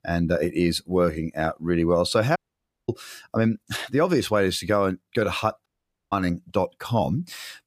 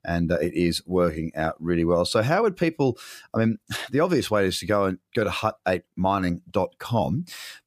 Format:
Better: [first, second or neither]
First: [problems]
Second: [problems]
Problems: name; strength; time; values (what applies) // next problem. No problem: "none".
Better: second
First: audio cutting out; at 2.5 s for 0.5 s and at 5.5 s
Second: none